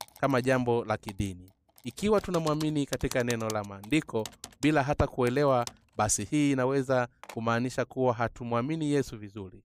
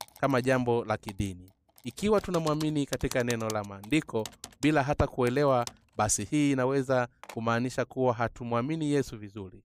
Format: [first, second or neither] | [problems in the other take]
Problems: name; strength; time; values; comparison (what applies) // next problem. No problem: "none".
neither | keyboard typing; faint; until 7.5 s; peak 10 dB below the speech; the same in both